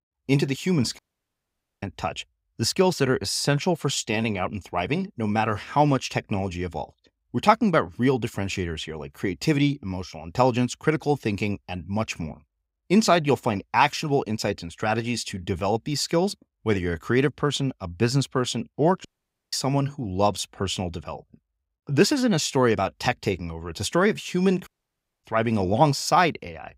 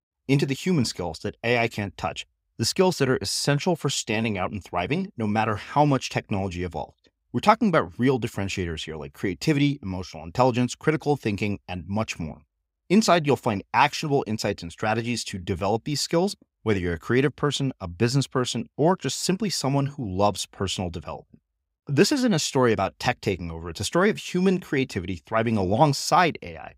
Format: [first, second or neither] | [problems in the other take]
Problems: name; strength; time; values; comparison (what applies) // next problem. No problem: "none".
second | audio cutting out; at 1 s for 1 s, at 19 s and at 25 s for 0.5 s